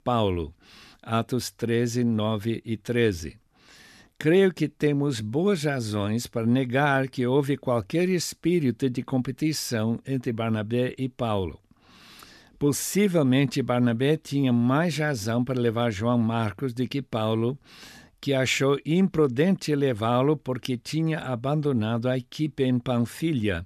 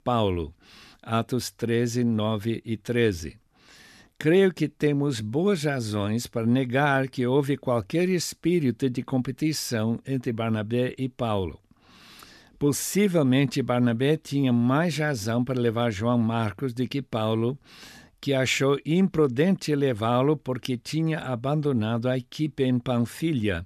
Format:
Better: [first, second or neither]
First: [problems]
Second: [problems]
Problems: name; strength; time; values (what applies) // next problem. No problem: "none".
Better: neither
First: none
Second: none